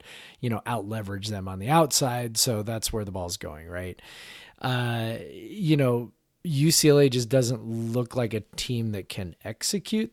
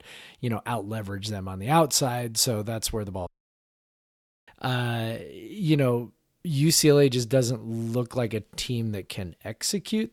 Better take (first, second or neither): first